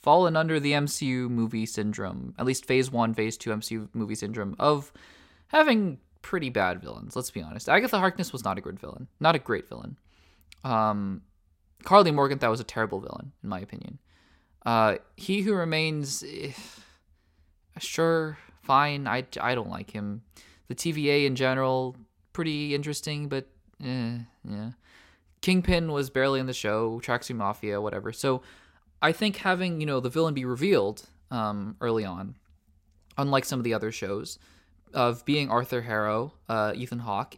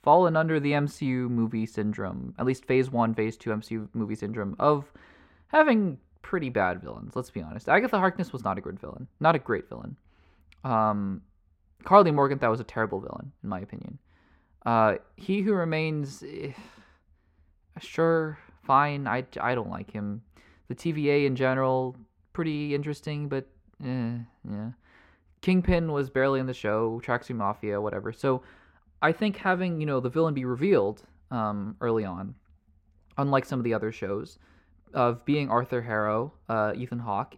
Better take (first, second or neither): first